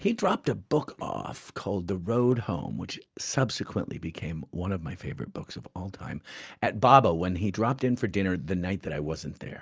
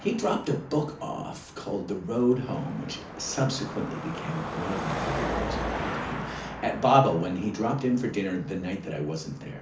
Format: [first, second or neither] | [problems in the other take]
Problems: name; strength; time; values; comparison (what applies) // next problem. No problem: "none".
first | background sound (Car passing by / Traffic noise, roadway noise / Engine); 8 dB below the speech // room echo; dies away in 0.4 s